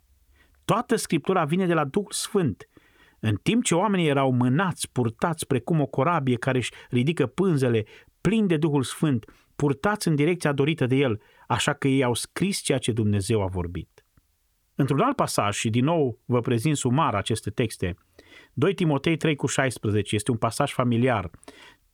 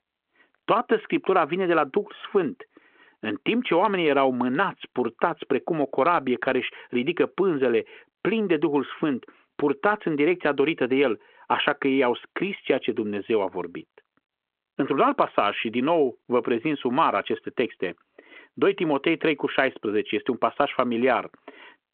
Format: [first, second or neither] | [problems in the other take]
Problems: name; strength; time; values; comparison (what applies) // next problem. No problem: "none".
first | phone-call audio